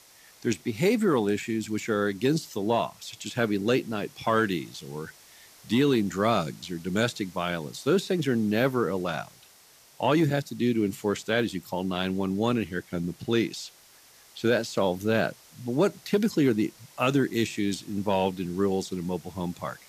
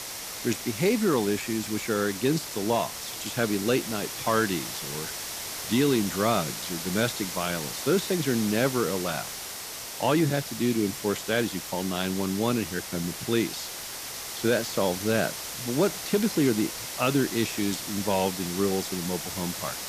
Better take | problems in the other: first | hiss; loud; throughout; 6 dB below the speech; faint in the first

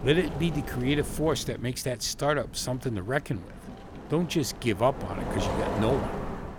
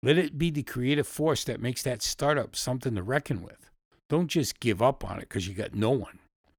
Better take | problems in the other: second | wind noise on the microphone; heavy; 6 dB below the speech

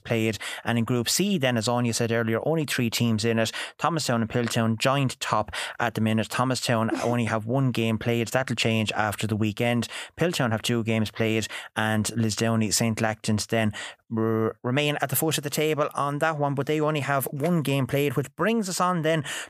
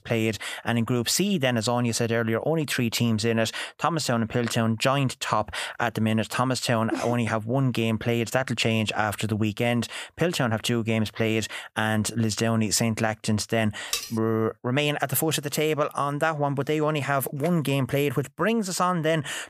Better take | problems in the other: first | clattering dishes; noticeable; at 14 s; peak 5 dB below the speech

